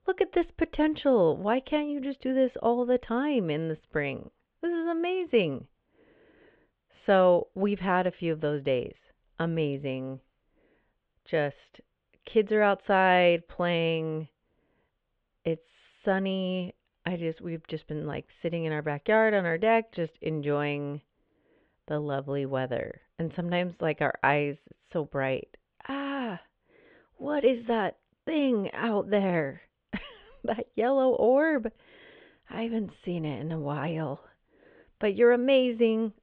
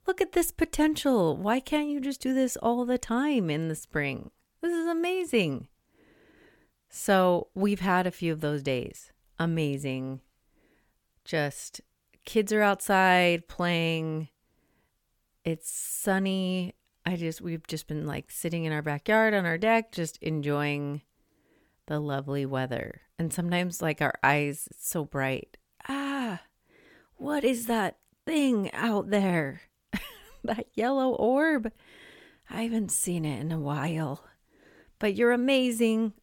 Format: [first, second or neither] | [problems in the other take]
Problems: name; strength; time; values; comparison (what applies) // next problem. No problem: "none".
second | muffled; very; fading above 3.5 kHz